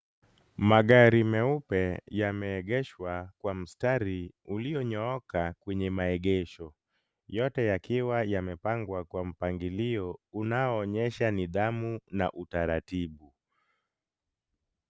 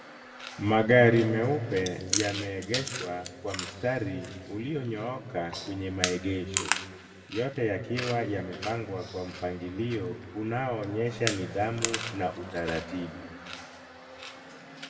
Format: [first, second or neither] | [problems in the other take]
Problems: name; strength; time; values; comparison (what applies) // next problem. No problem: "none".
first | background sound (Chewing, mastication); 9 dB below the speech // room echo; dies away in 1.6 s